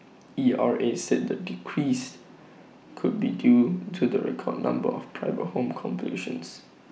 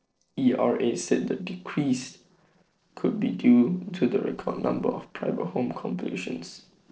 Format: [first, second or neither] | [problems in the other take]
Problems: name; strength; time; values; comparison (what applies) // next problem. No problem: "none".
first | noise reduction (neural separator model SepFormer DNS4)